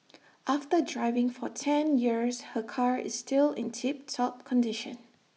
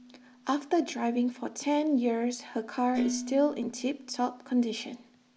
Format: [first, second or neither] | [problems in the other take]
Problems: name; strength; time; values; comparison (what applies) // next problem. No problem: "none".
first | background sound (Dishes, pots, and pans); 11 dB below the speech